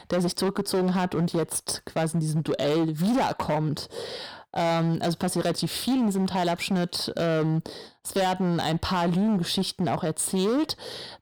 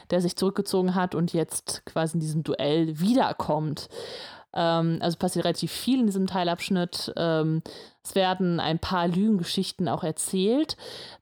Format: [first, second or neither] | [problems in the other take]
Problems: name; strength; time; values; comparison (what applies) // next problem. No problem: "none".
second | distortion; slight; 17% of the sound clipped